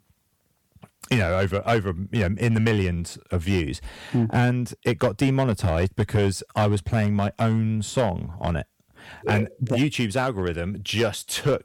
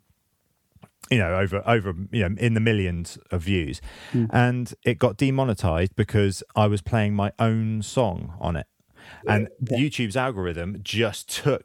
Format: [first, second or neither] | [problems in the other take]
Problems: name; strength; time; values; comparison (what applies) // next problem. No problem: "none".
second | distortion; slight; 4% of the sound clipped